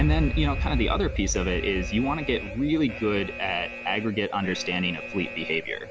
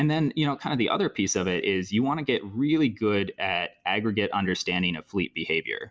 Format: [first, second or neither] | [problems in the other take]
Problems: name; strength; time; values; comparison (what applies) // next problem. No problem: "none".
second | background sound (Alarm); 4 dB below the speech